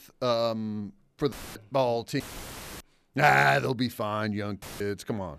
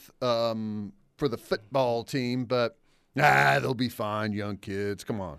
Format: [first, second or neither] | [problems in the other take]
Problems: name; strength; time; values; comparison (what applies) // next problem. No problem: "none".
second | audio cutting out; filled with static; at 1.5 s, at 2 s for 0.5 s and at 4.5 s